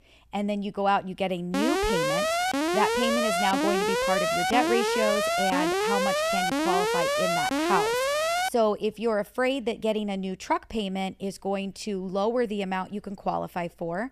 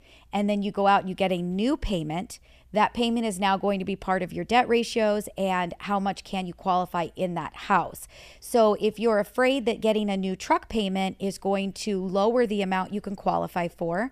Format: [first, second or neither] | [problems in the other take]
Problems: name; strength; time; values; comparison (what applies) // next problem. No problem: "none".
second | alarm; loud; from 1.5 to 8.5 s; peak 4 dB above the speech